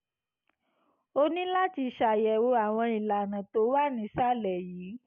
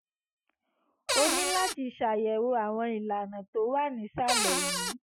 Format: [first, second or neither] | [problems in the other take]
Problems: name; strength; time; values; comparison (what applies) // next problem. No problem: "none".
first | noise reduction (classical method Wiener filter)